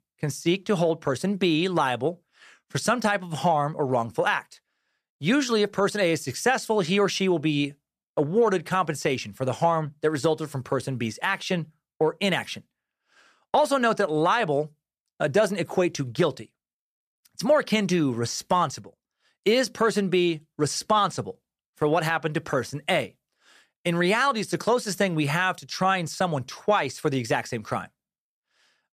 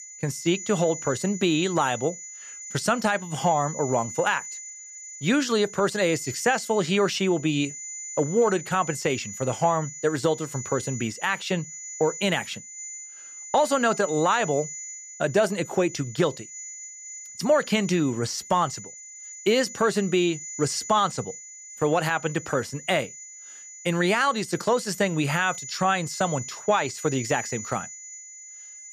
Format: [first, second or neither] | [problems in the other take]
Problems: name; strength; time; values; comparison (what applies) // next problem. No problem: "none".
first | high-pitched whine; noticeable; throughout; 7 kHz, 10 dB below the speech